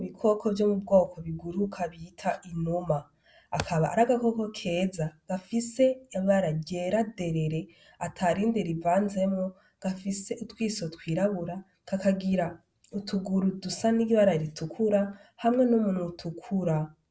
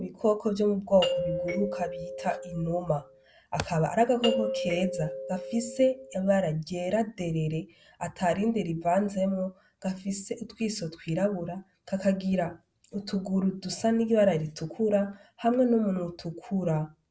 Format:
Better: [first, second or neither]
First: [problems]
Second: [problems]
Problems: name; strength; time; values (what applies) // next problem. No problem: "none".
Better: first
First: none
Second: background sound (Doorbell); 5 dB below the speech